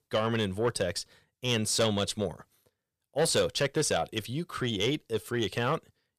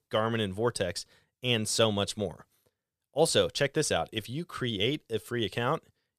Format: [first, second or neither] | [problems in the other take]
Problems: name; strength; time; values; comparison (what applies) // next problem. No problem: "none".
second | distortion; slight; 10 dB below the speech